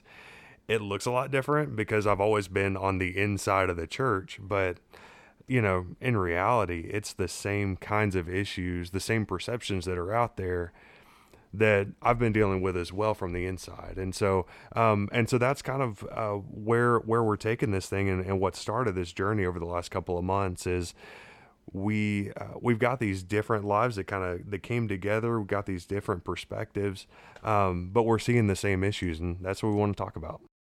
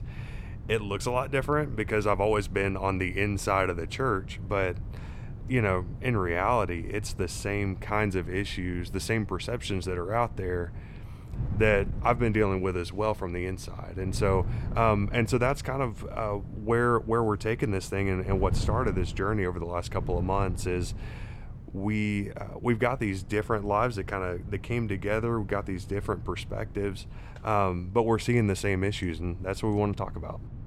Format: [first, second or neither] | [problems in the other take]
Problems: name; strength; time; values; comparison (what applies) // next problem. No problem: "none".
first | wind noise on the microphone; occasional gusts; 20 dB below the speech